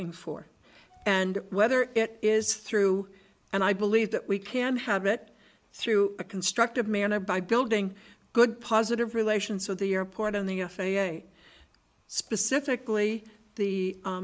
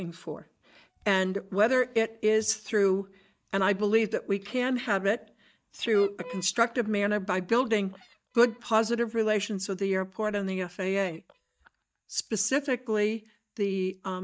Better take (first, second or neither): first